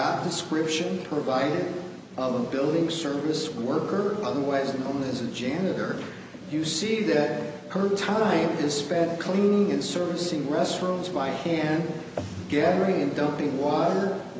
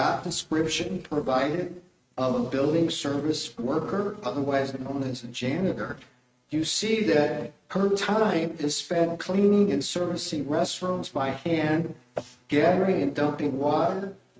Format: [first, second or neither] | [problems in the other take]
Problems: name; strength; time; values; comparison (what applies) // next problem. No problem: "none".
first | noise reduction (neural mask model RNNoise)